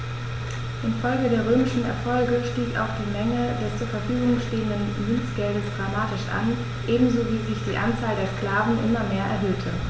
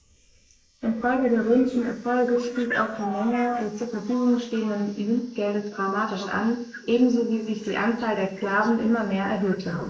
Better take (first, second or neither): first